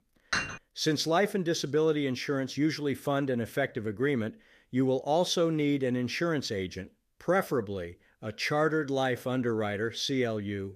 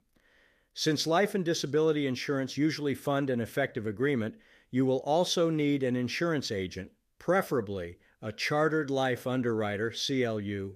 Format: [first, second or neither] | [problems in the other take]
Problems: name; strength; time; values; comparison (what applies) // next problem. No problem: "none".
second | clattering dishes; noticeable; at 0.5 s; peak 2 dB below the speech